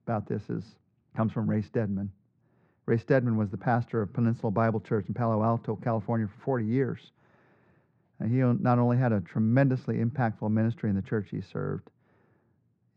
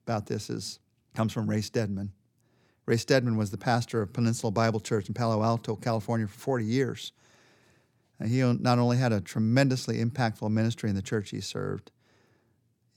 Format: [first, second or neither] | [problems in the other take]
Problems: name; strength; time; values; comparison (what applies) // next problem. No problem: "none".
second | muffled; very; fading above 1.5 kHz